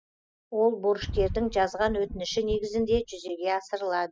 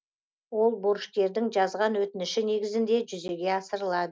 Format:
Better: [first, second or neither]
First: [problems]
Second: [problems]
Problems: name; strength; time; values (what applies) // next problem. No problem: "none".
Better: second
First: noise reduction (classical method spectral subtraction)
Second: none